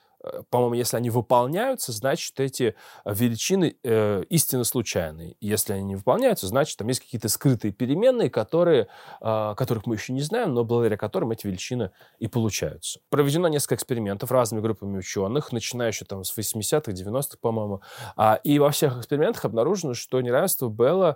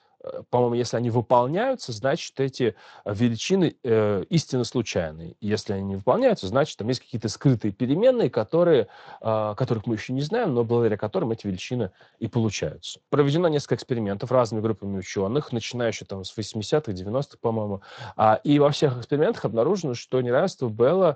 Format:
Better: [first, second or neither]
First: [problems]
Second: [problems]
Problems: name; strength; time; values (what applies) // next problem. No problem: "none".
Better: first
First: none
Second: garbled, watery; slightly; nothing above 7.5 kHz